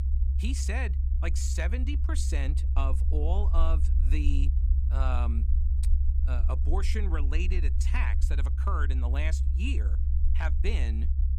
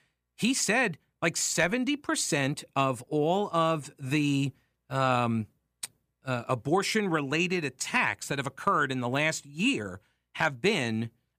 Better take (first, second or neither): second